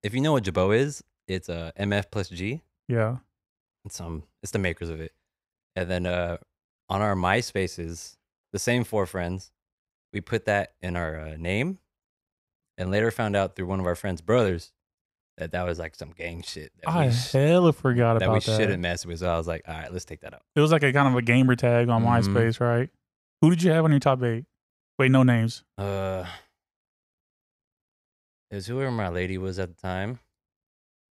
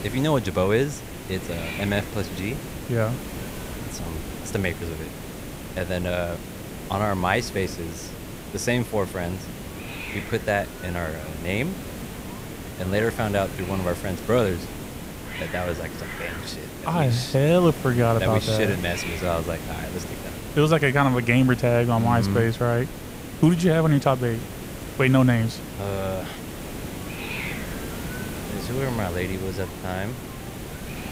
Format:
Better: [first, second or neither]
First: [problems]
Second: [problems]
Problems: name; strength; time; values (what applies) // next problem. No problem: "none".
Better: first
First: none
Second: hiss; noticeable; throughout; 10 dB below the speech